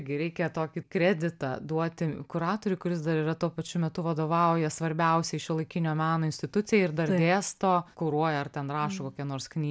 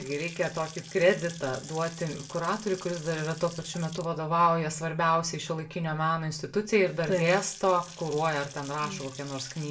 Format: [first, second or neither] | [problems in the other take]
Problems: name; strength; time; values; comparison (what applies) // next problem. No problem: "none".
first | background sound (Sink (filling or washing) / Water tap, faucet / Splash, splatter); 19 dB below the speech // room echo; dies away in 0.2 s